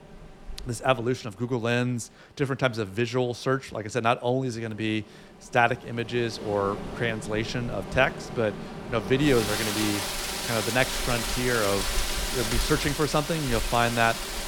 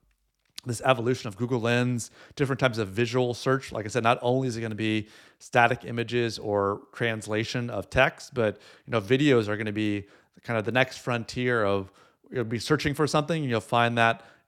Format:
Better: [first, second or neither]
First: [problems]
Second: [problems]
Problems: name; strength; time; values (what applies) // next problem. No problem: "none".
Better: second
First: rain or running water; loud; throughout; 4 dB below the speech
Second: none